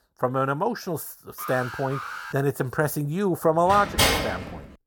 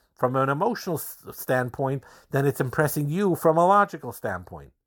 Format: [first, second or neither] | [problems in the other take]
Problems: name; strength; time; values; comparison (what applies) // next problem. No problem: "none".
second | alarm; noticeable; at 1.5 s; peak 8 dB below the speech // door banging; loud; at 3.5 s; peak 5 dB above the speech